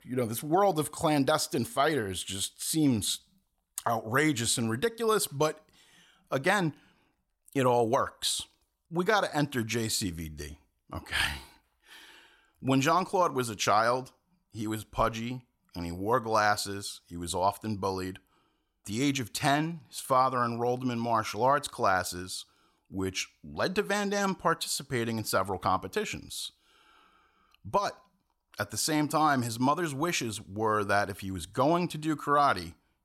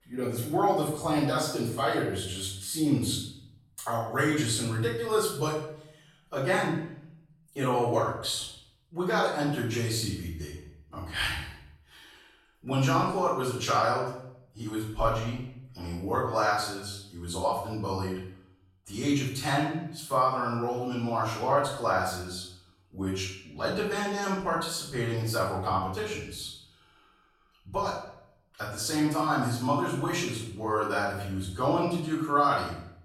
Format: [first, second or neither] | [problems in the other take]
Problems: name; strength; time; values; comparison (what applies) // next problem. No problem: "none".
first | off-mic speech; far // room echo; noticeable; dies away in 0.6 s